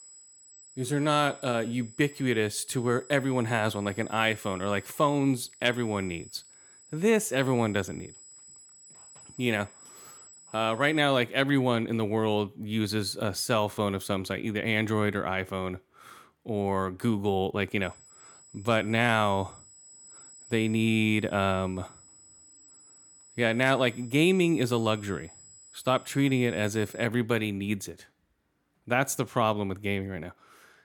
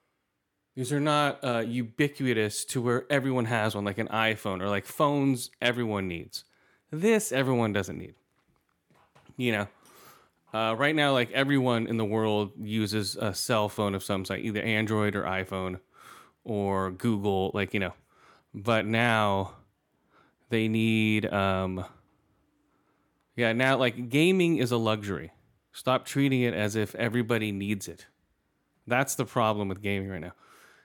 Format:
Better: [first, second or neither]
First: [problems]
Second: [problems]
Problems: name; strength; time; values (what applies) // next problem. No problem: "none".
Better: second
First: high-pitched whine; faint; until 11 s and from 18 to 27 s; 8 kHz, 20 dB below the speech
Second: none